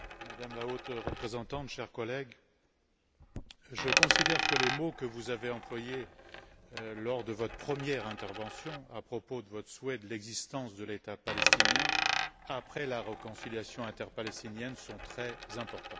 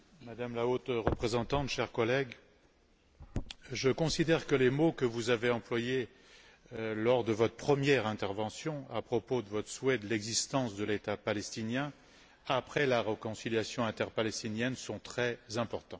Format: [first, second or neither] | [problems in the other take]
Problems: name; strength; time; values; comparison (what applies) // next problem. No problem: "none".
second | background sound (Coin (dropping)); 3 dB above the speech